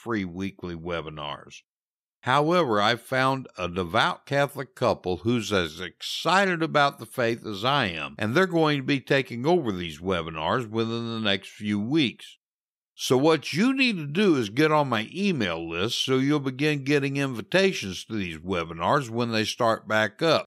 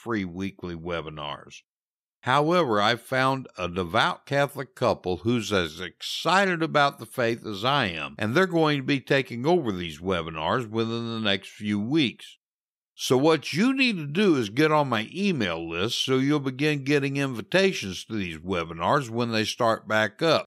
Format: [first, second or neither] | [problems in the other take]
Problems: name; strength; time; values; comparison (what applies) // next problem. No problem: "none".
neither | none